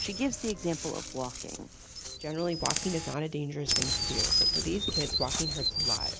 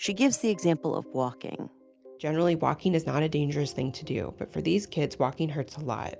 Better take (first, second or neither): second